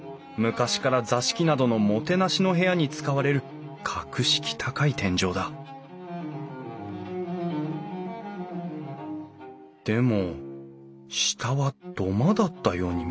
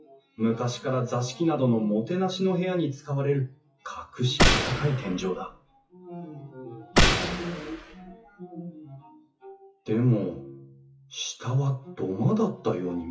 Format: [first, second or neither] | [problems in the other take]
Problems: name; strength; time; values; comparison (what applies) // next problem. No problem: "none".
first | noise reduction (classical method WPE with log-MMSE)